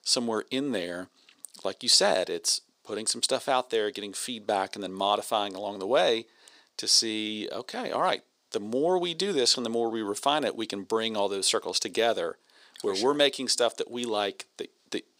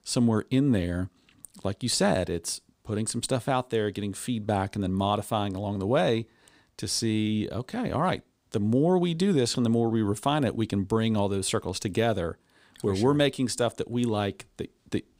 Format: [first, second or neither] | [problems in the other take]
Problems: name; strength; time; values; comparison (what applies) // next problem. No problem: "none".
second | thin; somewhat; fading below 450 Hz